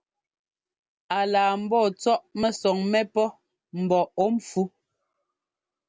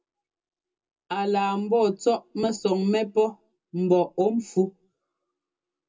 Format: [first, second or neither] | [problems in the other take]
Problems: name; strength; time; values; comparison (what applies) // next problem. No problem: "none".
first | room echo; dies away in 0.2 s